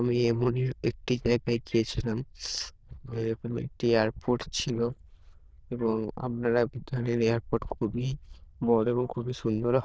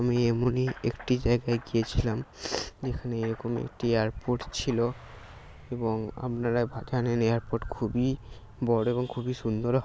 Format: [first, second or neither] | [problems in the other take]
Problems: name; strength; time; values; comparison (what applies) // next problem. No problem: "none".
second | noise reduction (neural diffusion model UNIVERSE++)